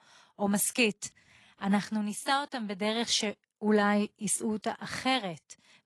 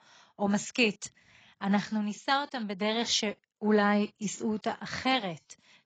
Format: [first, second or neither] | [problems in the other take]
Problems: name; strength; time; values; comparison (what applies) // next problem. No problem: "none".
first | garbled, watery; badly; nothing above 7.5 kHz; slightly in the first